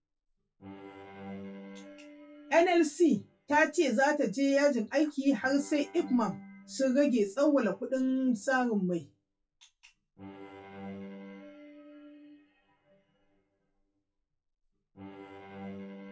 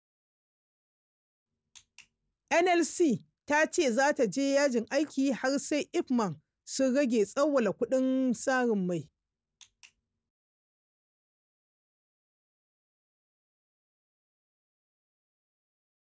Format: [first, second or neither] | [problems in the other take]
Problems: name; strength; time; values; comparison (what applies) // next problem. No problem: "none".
second | noise reduction (classical method WPE with log-MMSE)